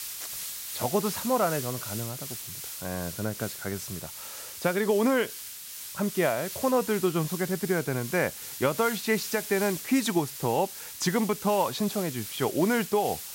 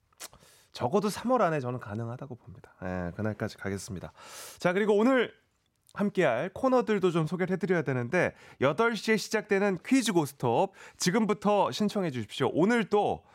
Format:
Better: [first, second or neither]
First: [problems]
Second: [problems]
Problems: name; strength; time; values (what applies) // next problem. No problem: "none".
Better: second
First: hiss; loud; throughout; 8 dB below the speech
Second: none